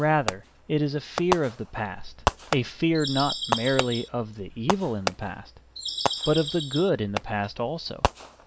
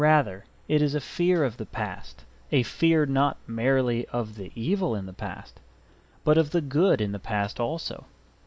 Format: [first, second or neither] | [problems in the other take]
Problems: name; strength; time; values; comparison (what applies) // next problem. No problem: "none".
second | background sound (Bird vocalization, bird call, bird song + Fireworks); 4 dB below the speech